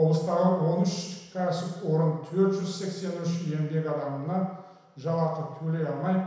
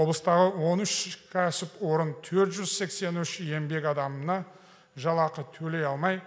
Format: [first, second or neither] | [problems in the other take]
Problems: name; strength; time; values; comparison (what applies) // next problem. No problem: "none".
second | room echo; dies away in 1 s